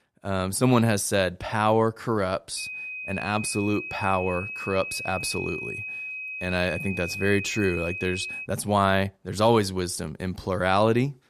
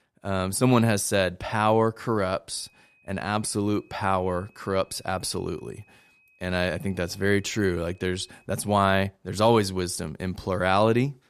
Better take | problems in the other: second | high-pitched whine; loud; from 2.5 to 8.5 s; 2.5 kHz, 7 dB below the speech; faint in the second

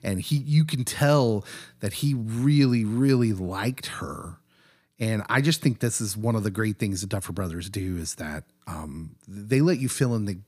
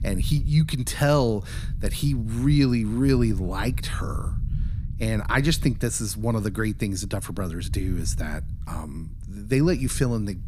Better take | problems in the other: first | low rumble; faint; throughout; 20 dB below the speech

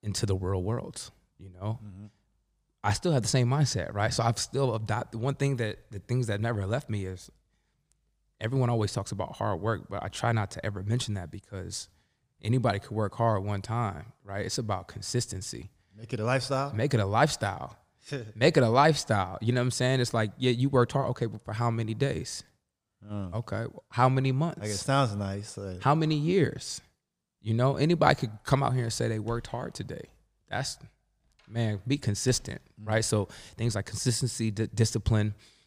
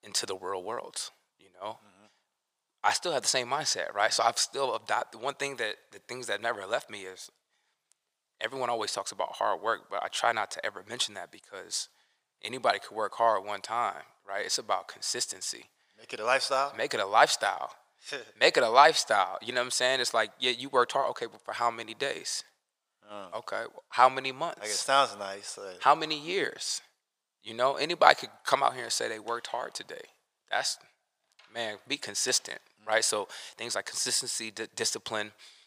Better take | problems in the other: first | thin; very; fading below 750 Hz

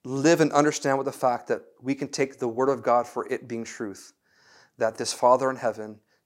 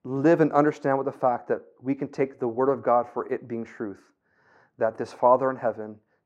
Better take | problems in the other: first | muffled; very; fading above 3 kHz

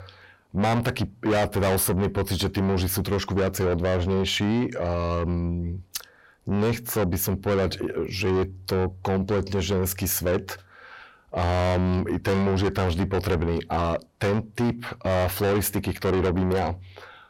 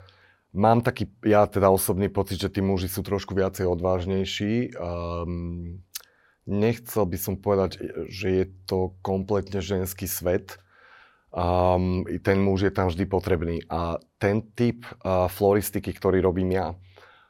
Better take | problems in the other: second | distortion; heavy; 6 dB below the speech

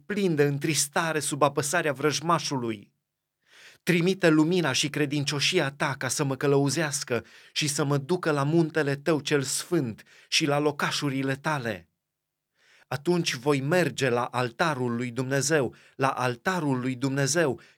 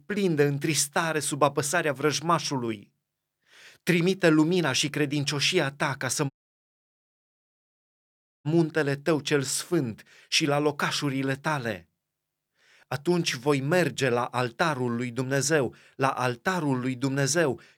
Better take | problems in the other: first | audio cutting out; at 6.5 s for 2 s

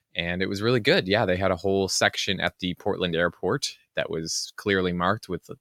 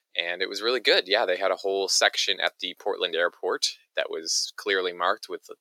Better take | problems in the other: first | thin; very; fading below 400 Hz

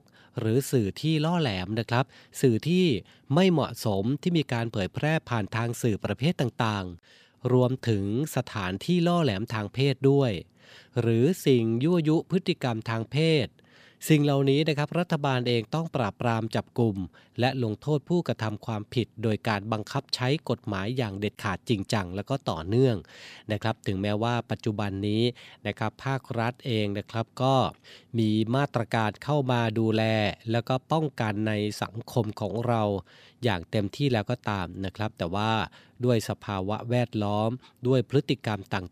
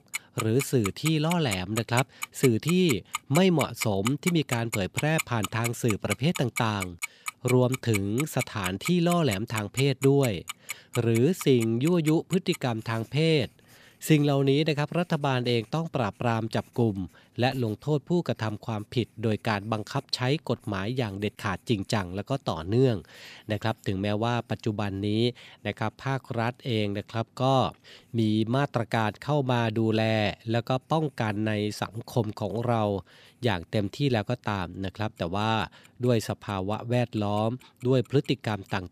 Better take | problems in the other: first | household noises; loud; throughout; 8 dB below the speech

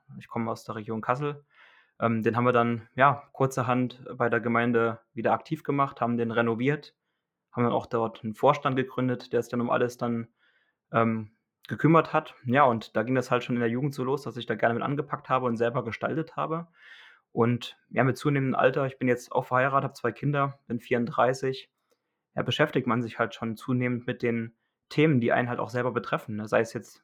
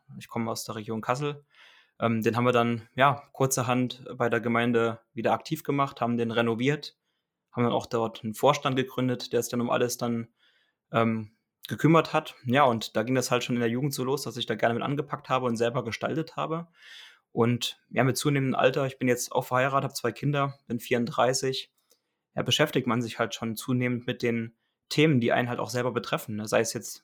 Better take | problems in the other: second | muffled; slightly; fading above 3.5 kHz

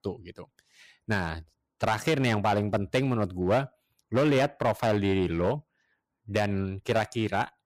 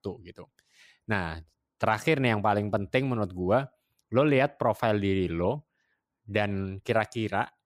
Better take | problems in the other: second | distortion; slight; 5% of the sound clipped

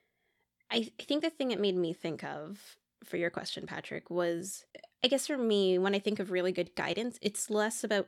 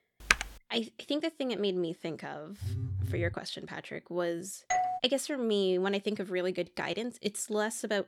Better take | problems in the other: first | keyboard typing; loud; at 0.5 s; peak 5 dB above the speech // phone ringing; noticeable; at 2.5 s; peak 2 dB below the speech // doorbell; loud; at 4.5 s; peak 2 dB above the speech

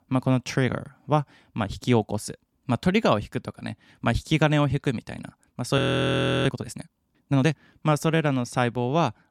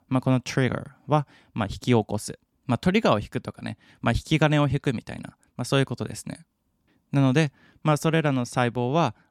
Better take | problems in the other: second | audio freezing; at 6 s for 0.5 s

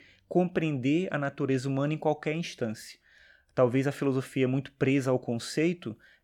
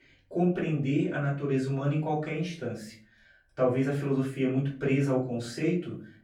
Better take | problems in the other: first | off-mic speech; far // room echo; slight; dies away in 0.4 s

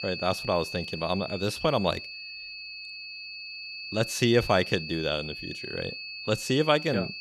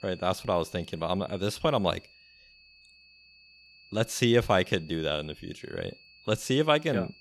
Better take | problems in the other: second | high-pitched whine; loud; throughout; 2.5 kHz, 9 dB below the speech; faint in the second

